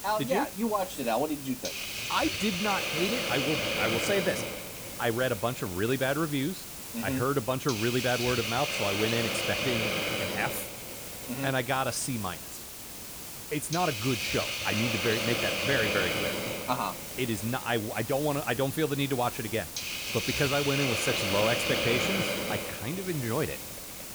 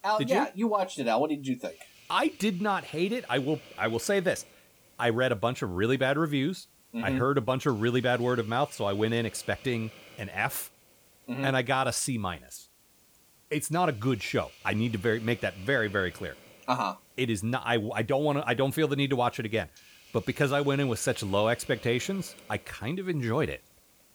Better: second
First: hiss; loud; throughout; 1 dB below the speech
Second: hiss; faint; throughout; 25 dB below the speech

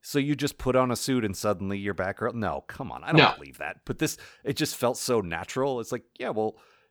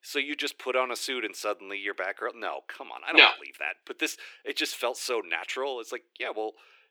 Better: first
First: none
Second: thin; somewhat; fading below 350 Hz

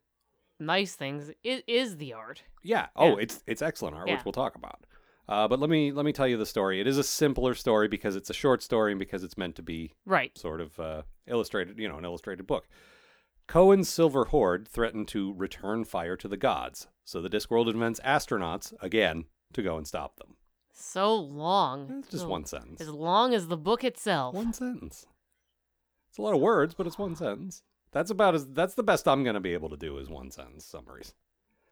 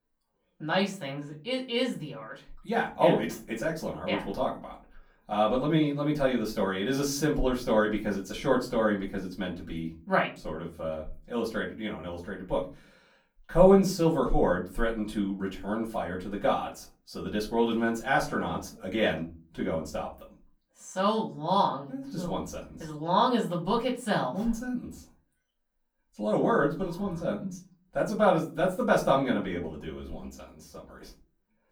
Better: first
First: none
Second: off-mic speech; far // room echo; very slight; dies away in 0.3 s

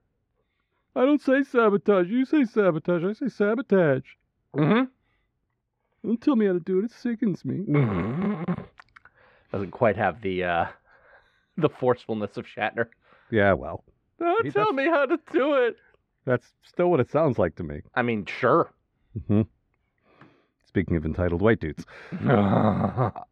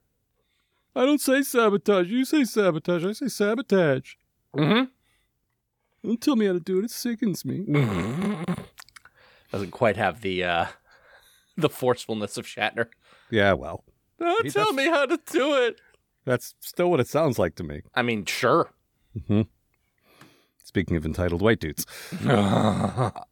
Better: second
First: muffled; very; fading above 2 kHz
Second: none

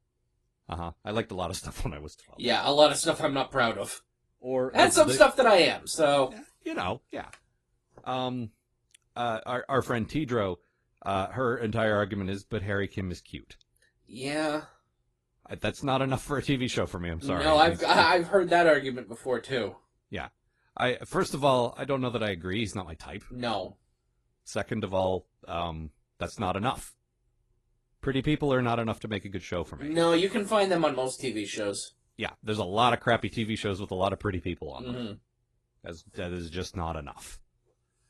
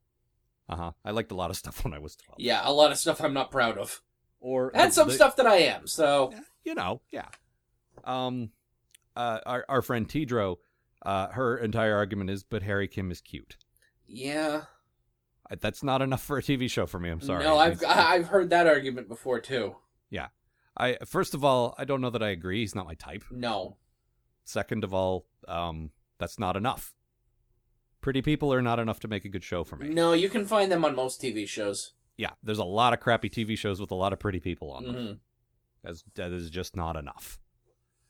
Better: second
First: garbled, watery; slightly; nothing above 11.5 kHz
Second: none

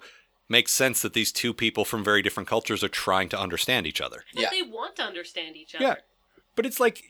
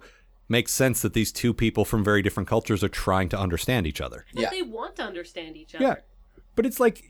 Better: second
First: thin; somewhat; fading below 1 kHz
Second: none

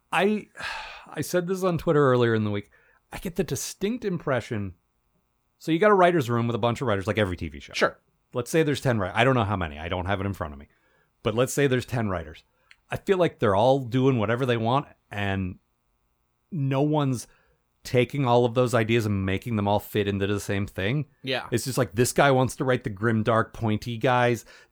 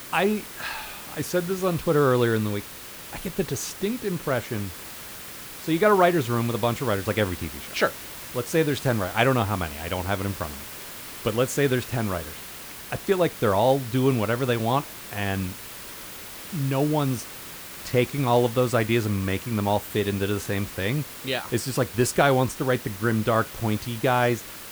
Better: first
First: none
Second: hiss; noticeable; throughout; 10 dB below the speech

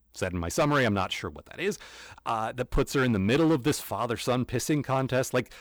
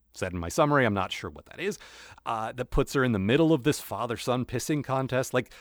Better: second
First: distortion; slight; 5% of the sound clipped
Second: none

